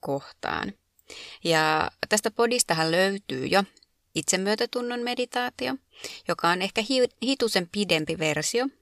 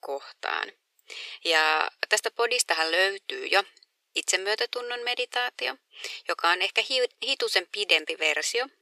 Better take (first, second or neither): first